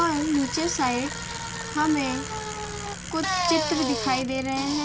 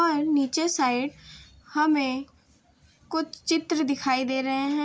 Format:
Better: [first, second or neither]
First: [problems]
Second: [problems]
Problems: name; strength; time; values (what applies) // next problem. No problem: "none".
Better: second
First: background sound (Bicycle); 4 dB below the speech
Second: none